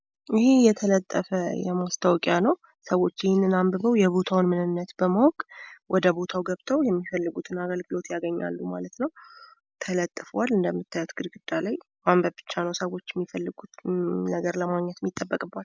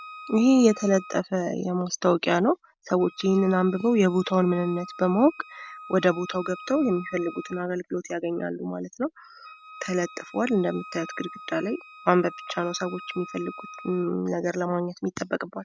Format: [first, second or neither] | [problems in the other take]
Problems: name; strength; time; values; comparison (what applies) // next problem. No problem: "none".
first | background sound (Wind instrument, woodwind instrument); 19 dB below the speech